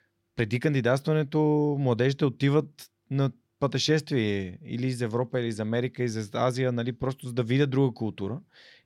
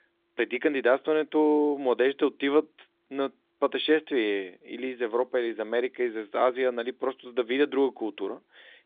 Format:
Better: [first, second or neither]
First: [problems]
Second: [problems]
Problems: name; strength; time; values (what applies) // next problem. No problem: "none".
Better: first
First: none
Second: phone-call audio